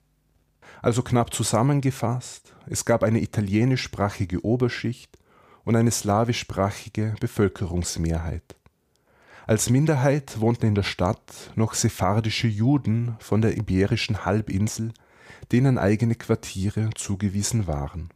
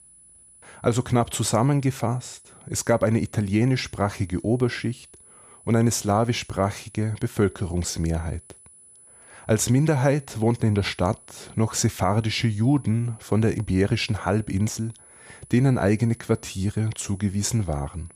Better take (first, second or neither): first